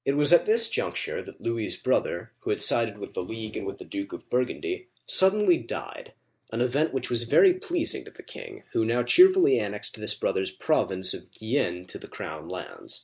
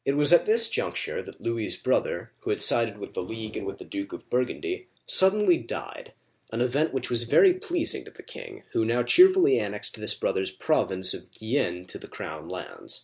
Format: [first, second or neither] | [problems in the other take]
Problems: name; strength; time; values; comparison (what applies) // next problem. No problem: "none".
second | noise reduction (neural mask model Resemble Enhance denoiser)